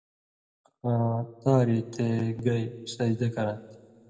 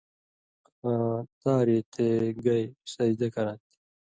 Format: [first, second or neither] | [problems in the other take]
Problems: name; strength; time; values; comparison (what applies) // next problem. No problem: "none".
second | room echo; dies away in 1.4 s